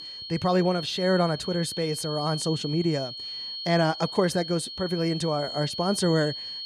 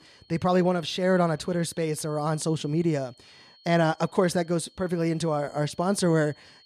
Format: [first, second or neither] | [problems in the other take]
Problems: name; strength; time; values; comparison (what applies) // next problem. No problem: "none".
second | high-pitched whine; loud; throughout; 4.5 kHz, 7 dB below the speech; faint in the second